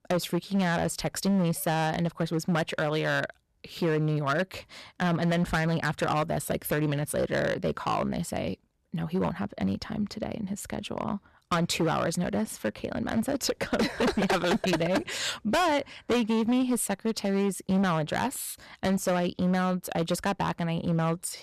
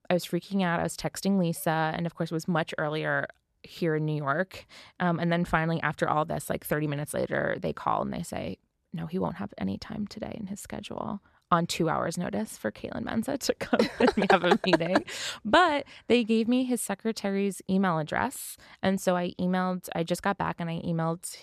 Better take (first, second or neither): second